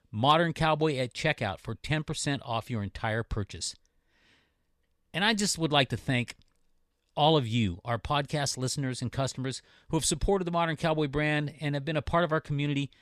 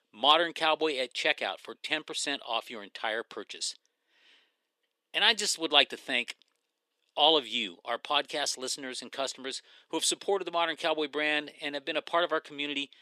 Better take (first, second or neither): first